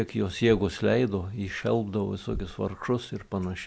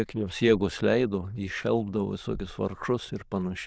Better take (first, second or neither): first